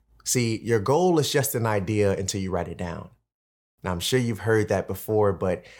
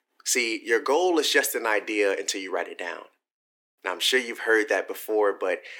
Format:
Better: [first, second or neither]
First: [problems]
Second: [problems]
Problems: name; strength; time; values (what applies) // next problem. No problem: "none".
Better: first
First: none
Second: thin; very; fading below 300 Hz